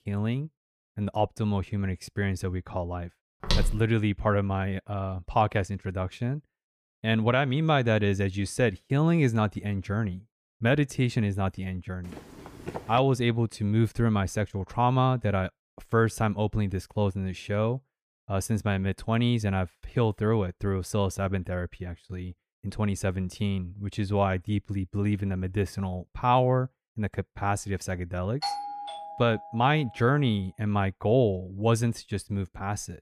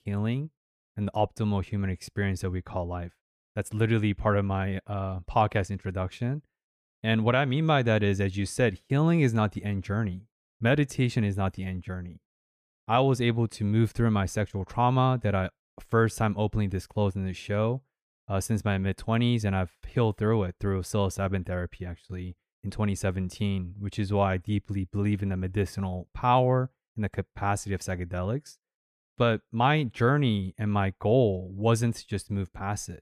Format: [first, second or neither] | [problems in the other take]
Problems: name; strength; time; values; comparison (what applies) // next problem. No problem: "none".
second | footsteps; noticeable; at 3.5 s; peak 1 dB below the speech // footsteps; faint; at 12 s; peak 10 dB below the speech // doorbell; noticeable; from 28 to 30 s; peak 4 dB below the speech